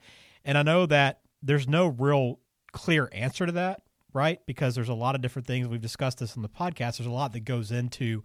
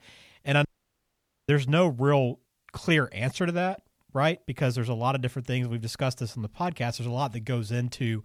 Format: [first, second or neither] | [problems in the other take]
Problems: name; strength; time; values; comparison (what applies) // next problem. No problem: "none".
first | audio cutting out; at 0.5 s for 1 s